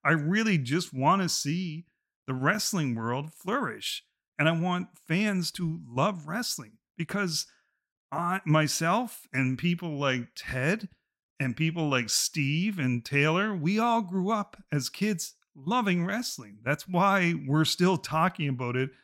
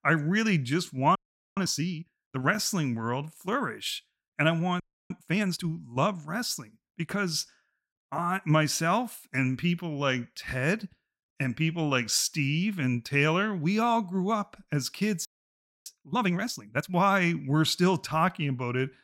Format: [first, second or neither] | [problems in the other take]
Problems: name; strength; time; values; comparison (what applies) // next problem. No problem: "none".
first | audio freezing; at 1 s, at 5 s and at 15 s for 0.5 s